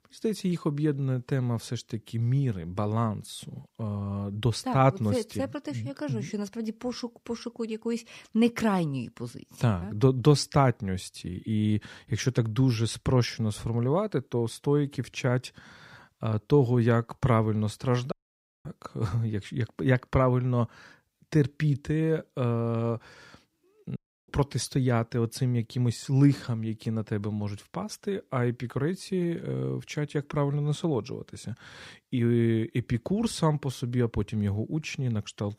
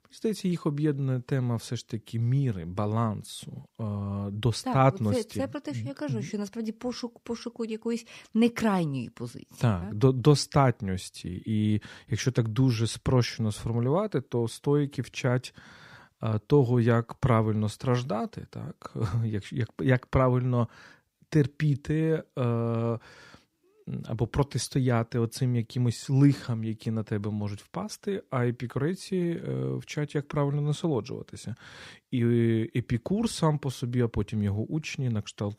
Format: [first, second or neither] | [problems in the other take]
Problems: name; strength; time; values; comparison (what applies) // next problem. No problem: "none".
second | audio cutting out; at 18 s for 0.5 s and at 24 s